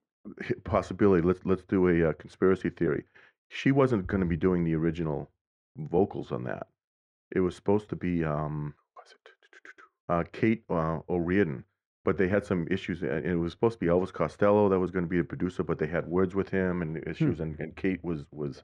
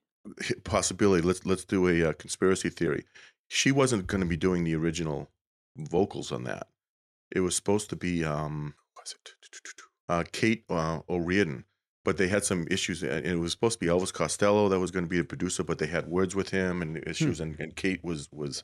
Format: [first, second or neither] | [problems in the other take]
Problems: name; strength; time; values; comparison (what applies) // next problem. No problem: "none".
second | muffled; very; fading above 4 kHz